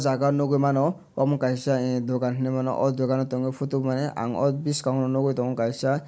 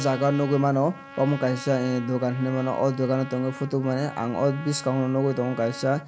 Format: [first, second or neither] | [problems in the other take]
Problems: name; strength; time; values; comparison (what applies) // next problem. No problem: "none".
first | background sound (Trumpet); 16 dB below the speech